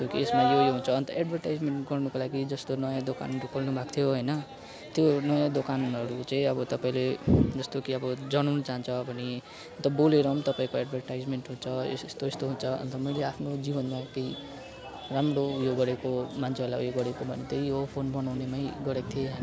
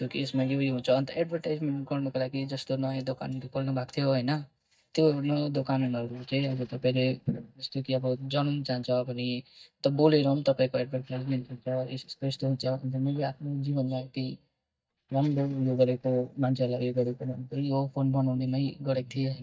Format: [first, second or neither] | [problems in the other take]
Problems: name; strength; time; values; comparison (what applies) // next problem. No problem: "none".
first | noise reduction (neural mask model DeepFilterNet 3)